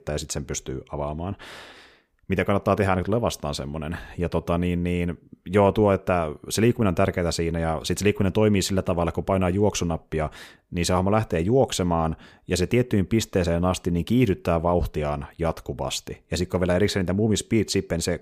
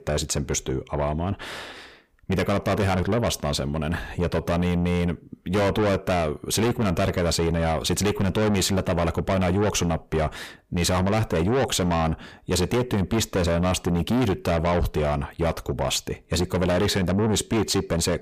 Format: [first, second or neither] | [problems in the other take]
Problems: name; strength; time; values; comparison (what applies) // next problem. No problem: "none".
first | distortion; heavy; 6 dB below the speech